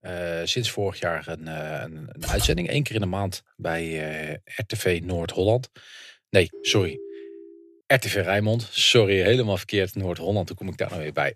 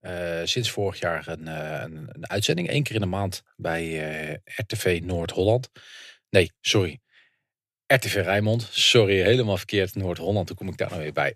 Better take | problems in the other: second | keyboard typing; noticeable; at 2 s; peak 4 dB below the speech // phone ringing; faint; from 6.5 to 8 s; peak 10 dB below the speech

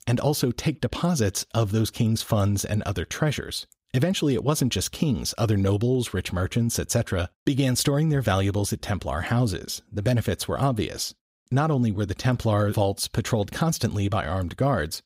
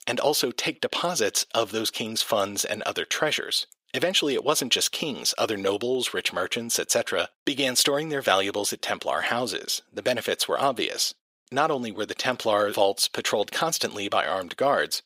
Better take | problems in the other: first | thin; very; fading below 500 Hz

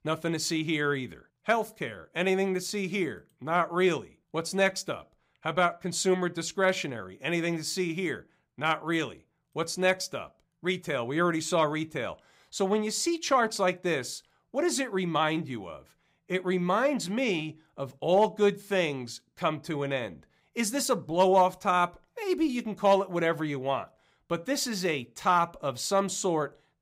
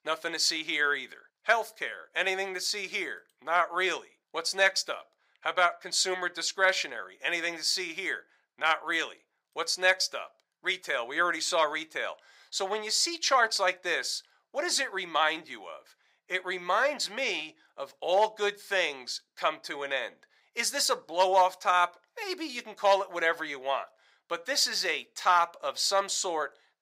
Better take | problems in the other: first | thin; very; fading below 650 Hz

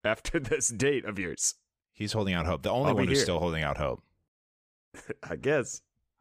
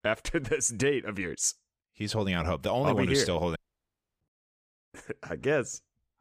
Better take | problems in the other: first | audio cutting out; at 3.5 s for 0.5 s

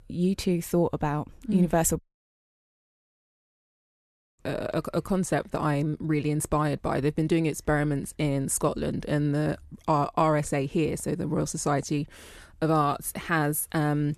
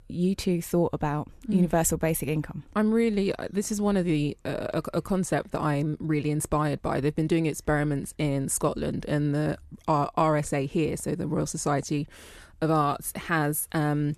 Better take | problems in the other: second | audio cutting out; at 2 s for 2.5 s

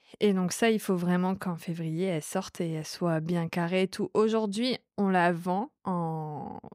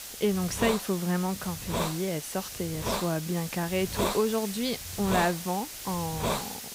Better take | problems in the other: first | hiss; loud; throughout; 4 dB below the speech

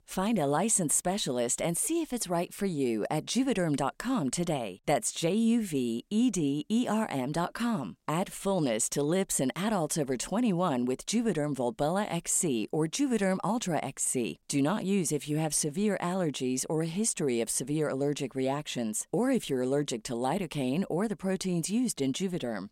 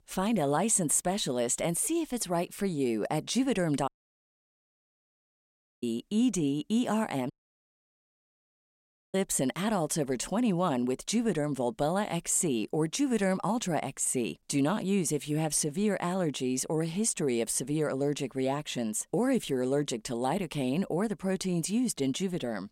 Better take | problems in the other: first | audio cutting out; at 4 s for 2 s and at 7.5 s for 2 s

